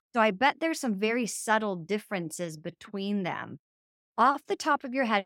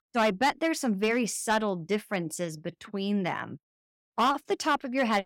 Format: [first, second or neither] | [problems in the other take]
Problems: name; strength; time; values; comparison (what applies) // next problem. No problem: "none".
first | distortion; slight; 3% of the sound clipped